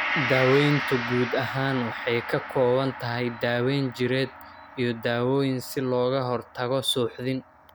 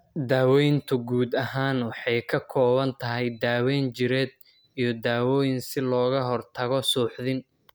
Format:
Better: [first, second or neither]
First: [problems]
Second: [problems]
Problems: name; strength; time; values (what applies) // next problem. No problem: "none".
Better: second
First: background sound (Gong); 9 dB below the speech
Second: none